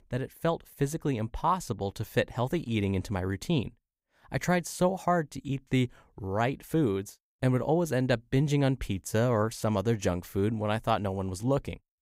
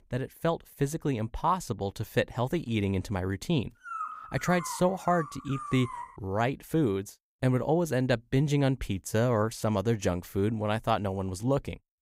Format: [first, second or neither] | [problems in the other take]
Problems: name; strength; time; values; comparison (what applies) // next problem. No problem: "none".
first | dog barking; noticeable; from 4 to 6 s; peak 7 dB below the speech